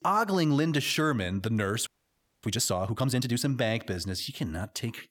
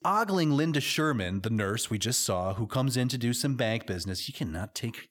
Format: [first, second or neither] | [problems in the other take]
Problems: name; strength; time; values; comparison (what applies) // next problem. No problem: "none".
second | audio freezing; at 2 s for 0.5 s